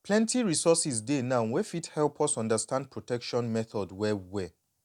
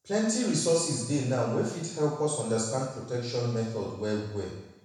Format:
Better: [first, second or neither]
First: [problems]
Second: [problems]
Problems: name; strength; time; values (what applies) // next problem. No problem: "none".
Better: first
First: none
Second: room echo; dies away in 1 s